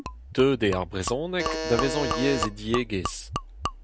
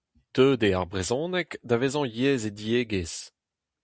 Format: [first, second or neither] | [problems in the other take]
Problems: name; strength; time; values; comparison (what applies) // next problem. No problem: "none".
second | background sound (Alarm + Gurgling / Liquid); 5 dB below the speech